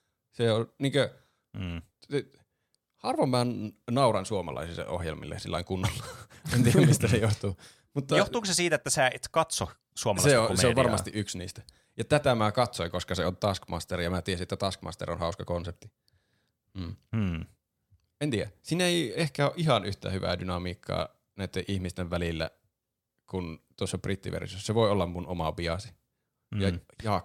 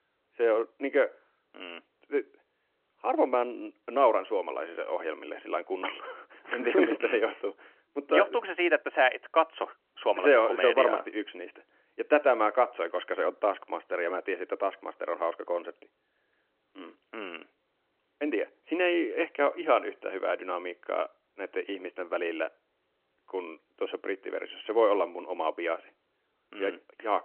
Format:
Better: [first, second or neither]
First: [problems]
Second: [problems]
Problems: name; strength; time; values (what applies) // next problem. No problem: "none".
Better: first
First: none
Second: phone-call audio